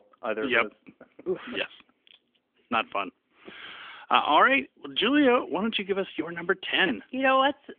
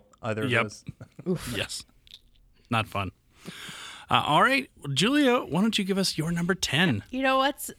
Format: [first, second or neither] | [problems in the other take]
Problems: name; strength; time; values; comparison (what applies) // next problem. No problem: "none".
second | phone-call audio; nothing above 3.5 kHz